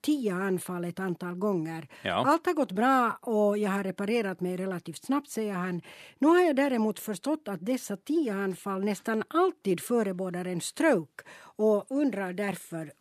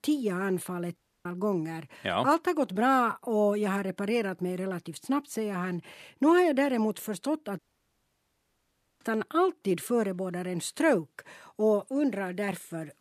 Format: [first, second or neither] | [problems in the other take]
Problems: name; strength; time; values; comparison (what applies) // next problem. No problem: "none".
first | audio cutting out; at 1 s and at 7.5 s for 1.5 s